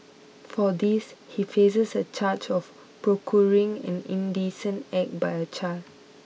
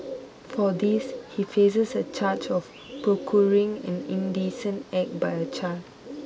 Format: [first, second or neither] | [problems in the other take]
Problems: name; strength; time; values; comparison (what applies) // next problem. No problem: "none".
first | background sound (Bird); 12 dB below the speech